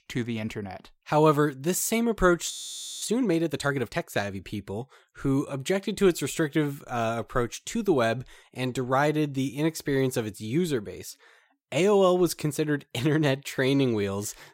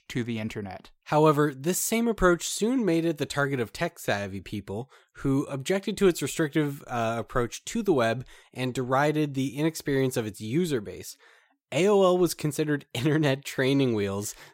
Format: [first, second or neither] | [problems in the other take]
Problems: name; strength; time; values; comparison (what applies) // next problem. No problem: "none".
second | audio freezing; at 2.5 s for 0.5 s